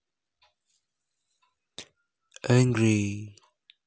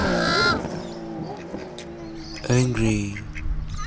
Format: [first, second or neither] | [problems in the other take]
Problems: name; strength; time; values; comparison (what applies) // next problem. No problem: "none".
first | background sound (Fowl + Race car, auto racing / Accelerating, revving, vroom); 2 dB above the speech